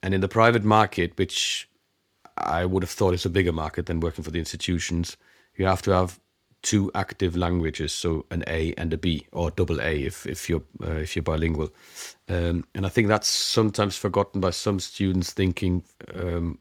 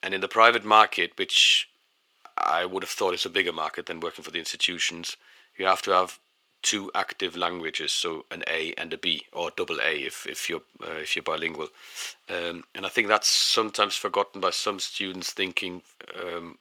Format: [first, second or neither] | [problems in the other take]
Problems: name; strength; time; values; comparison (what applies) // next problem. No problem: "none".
first | thin; very; fading below 500 Hz